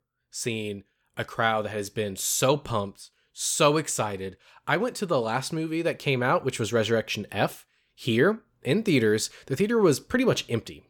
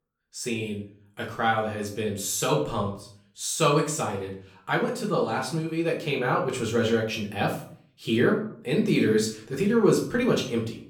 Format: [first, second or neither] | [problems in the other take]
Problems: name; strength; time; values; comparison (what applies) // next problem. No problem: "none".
first | room echo; slight; dies away in 0.4 s // off-mic speech; far